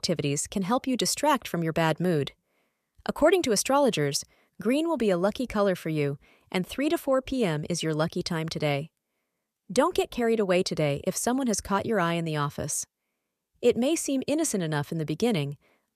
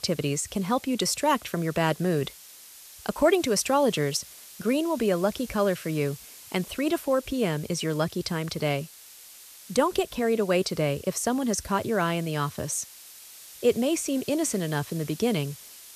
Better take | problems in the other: first | hiss; noticeable; throughout; 20 dB below the speech

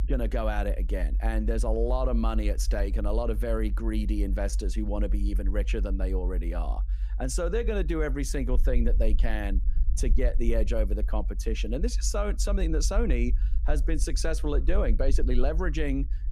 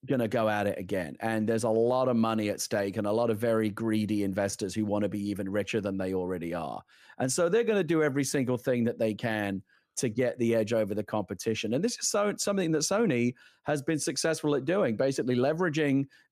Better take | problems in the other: second | low rumble; noticeable; throughout; 20 dB below the speech

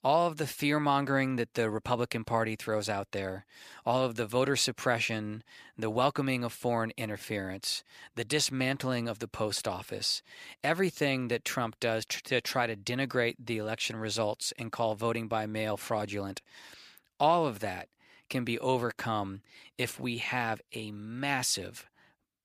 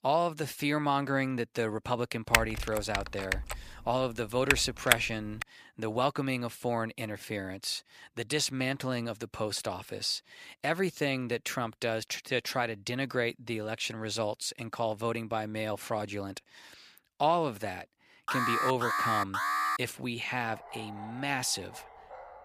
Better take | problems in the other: first | keyboard typing; loud; from 2.5 to 5.5 s; peak 6 dB above the speech // alarm; loud; from 18 to 20 s; peak 4 dB above the speech // dog barking; faint; from 20 s on; peak 15 dB below the speech

